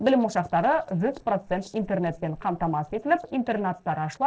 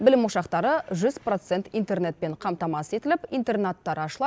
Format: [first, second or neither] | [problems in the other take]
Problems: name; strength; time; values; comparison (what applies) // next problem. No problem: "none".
second | noise reduction (neural separator model SepFormer DNS4)